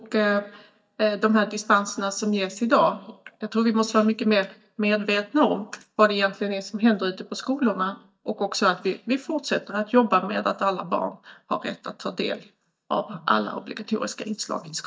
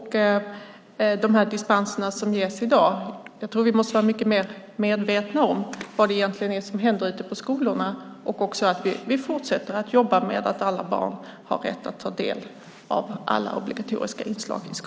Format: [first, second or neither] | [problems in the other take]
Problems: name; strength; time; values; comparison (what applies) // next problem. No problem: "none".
second | noise reduction (neural mask model DeepFilterNet 3)